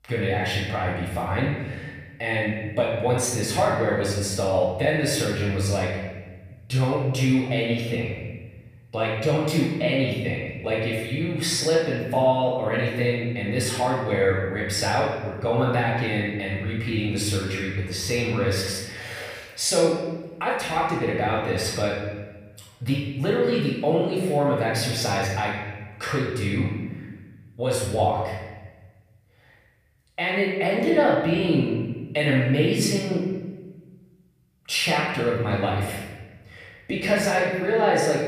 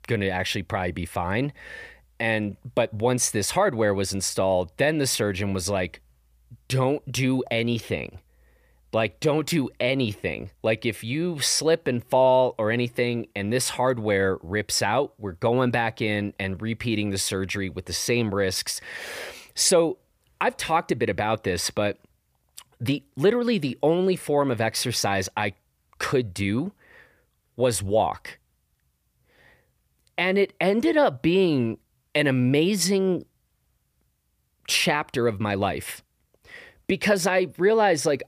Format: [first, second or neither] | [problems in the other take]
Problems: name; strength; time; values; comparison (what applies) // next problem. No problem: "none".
second | off-mic speech; far // room echo; noticeable; dies away in 1.2 s